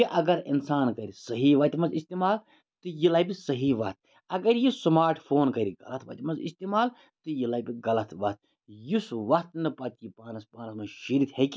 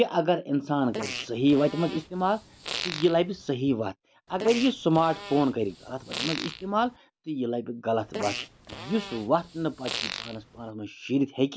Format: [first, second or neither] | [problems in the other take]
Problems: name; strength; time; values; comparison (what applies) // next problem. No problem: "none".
first | background sound (Fart); 10 dB below the speech